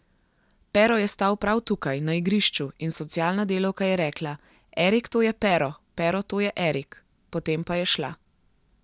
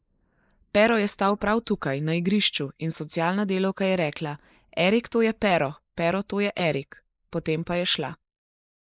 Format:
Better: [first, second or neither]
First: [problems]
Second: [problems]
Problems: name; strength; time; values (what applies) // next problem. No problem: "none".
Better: first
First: none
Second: noise reduction (neural mask model Resemble Enhance denoiser)